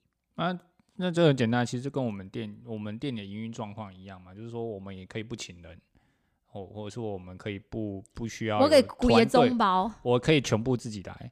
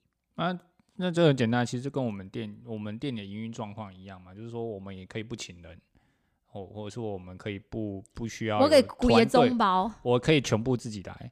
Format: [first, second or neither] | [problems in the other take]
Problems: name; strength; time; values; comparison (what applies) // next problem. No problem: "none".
neither | none